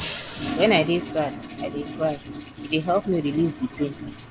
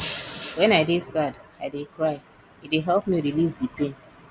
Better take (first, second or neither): second